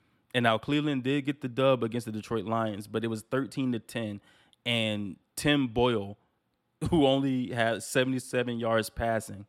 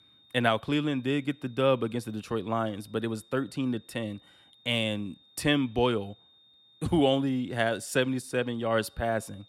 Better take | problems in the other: first | high-pitched whine; faint; throughout; 3.5 kHz, 30 dB below the speech

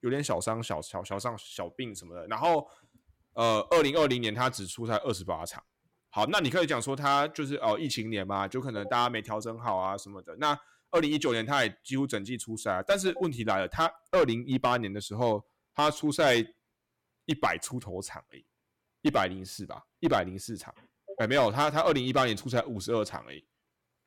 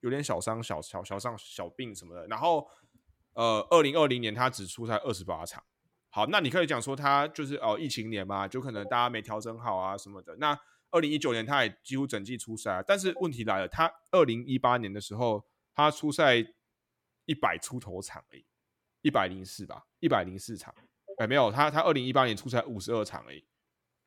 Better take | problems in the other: second | distortion; slight; 3% of the sound clipped

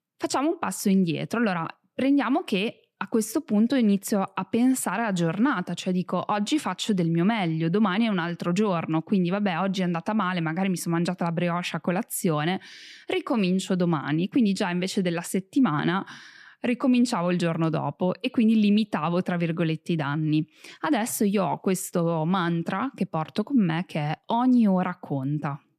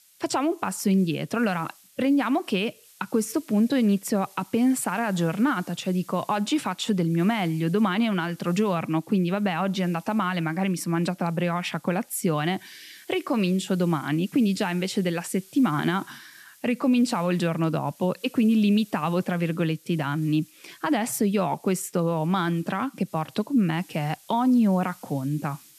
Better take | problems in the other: first | hiss; faint; throughout; 25 dB below the speech

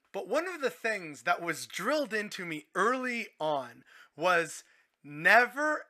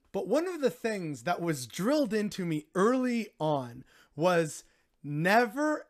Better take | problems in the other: second | thin; somewhat; fading below 550 Hz

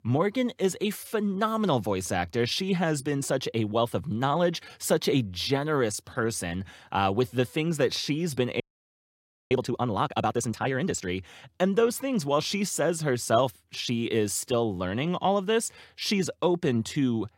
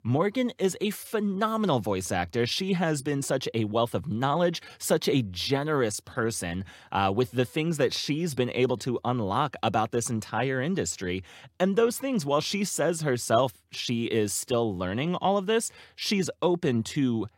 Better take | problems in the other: second | audio freezing; at 8.5 s for 1 s

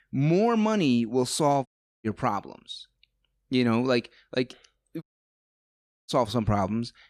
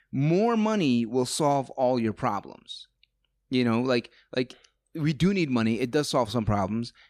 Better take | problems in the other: second | audio cutting out; at 1.5 s and at 5 s for 1 s

